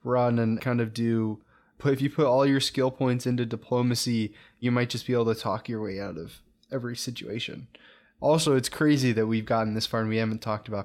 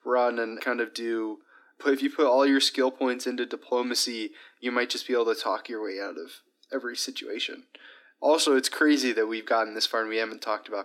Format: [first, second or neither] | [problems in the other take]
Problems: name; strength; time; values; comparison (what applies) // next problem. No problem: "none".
first | thin; very slightly; fading below 250 Hz